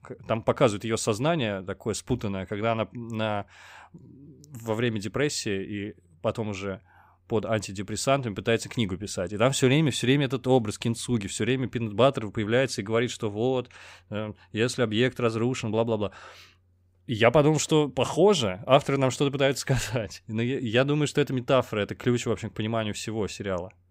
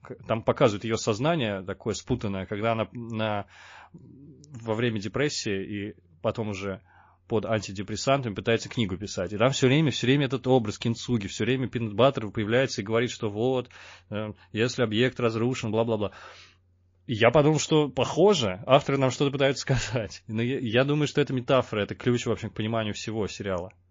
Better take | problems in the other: first | garbled, watery; slightly

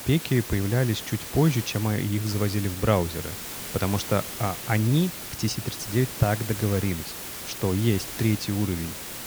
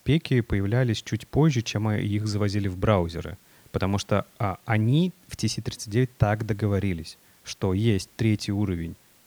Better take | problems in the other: second | hiss; loud; throughout; 7 dB below the speech; faint in the second

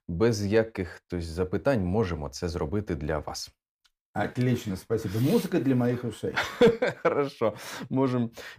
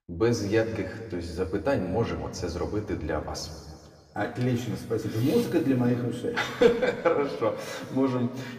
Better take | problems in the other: first | room echo; slight; dies away in 1.8 s // off-mic speech; somewhat distant

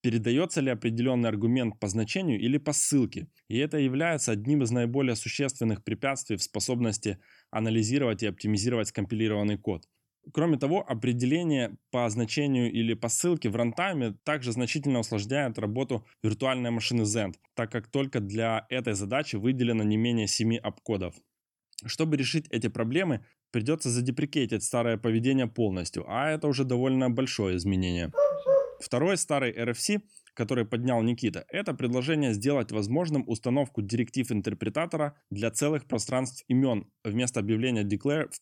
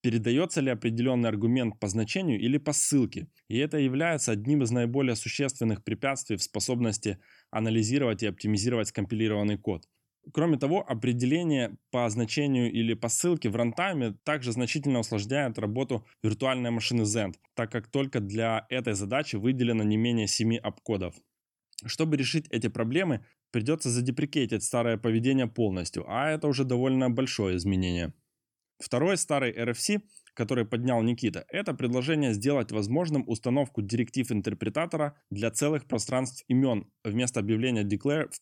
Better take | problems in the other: second | dog barking; loud; at 28 s; peak 5 dB above the speech

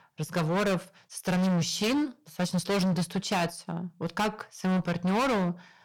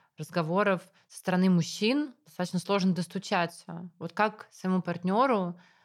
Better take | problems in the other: second | distortion; heavy; 21% of the sound clipped

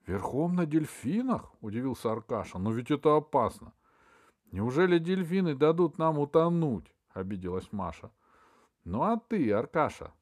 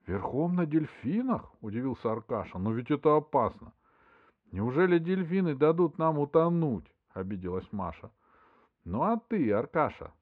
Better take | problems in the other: first | muffled; slightly; fading above 3 kHz

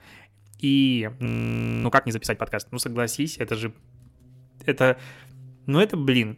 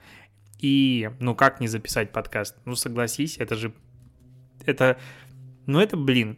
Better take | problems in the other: second | audio freezing; at 1.5 s for 0.5 s

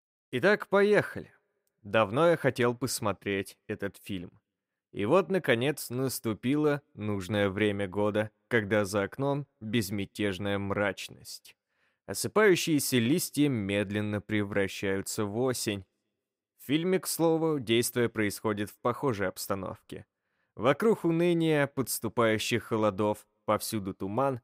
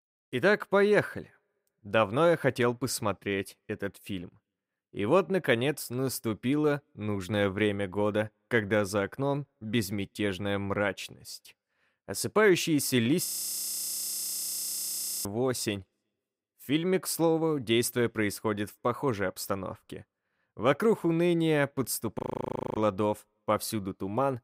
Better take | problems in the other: first | audio freezing; at 13 s for 2 s and at 22 s for 0.5 s

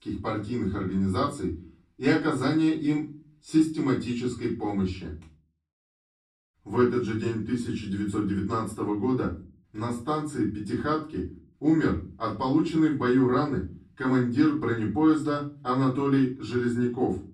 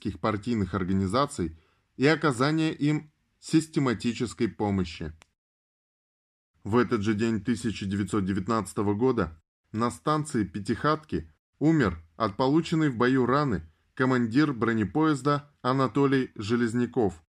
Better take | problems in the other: second | off-mic speech; far // room echo; slight; dies away in 0.3 s

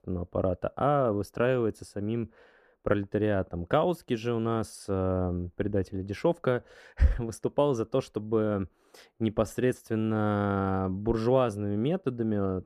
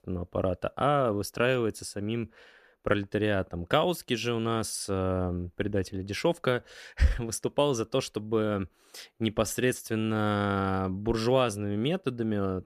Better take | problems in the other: second | muffled; slightly; fading above 1.5 kHz

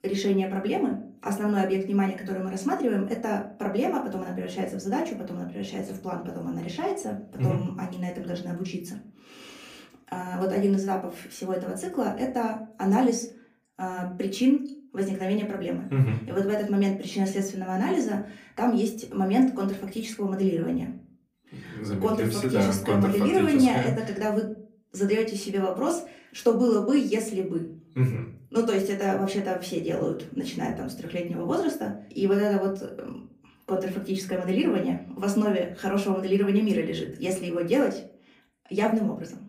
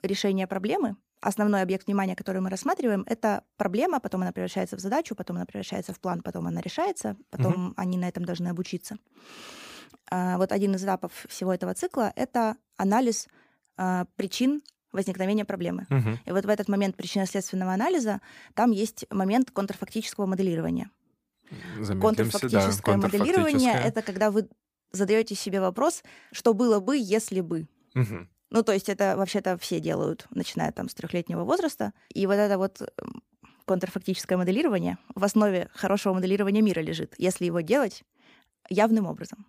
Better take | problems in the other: second | off-mic speech; far // room echo; very slight; dies away in 0.4 s

